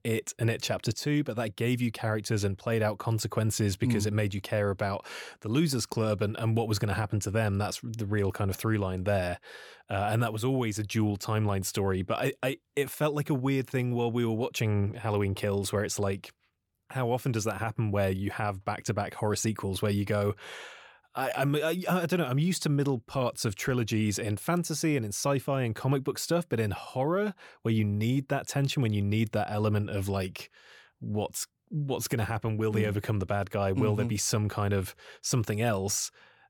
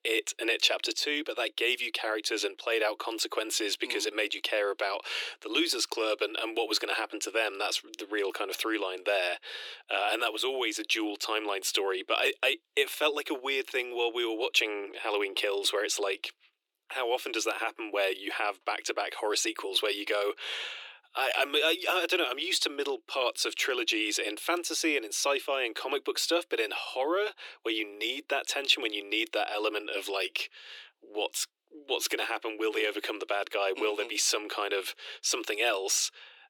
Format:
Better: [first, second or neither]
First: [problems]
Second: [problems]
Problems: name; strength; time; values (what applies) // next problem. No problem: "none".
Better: first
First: none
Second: thin; very; fading below 300 Hz